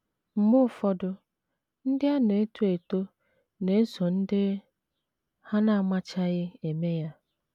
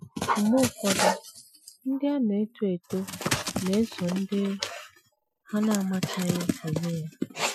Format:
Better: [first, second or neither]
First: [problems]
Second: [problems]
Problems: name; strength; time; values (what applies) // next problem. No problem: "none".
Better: first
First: none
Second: noise reduction (classical method Wiener filter)